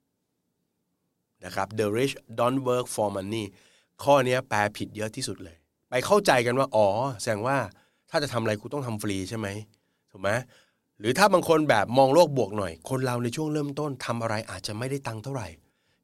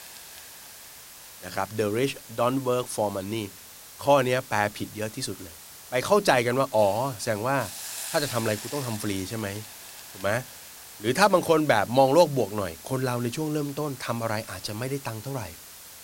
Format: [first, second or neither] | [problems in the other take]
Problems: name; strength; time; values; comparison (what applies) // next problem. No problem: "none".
first | hiss; noticeable; throughout; 15 dB below the speech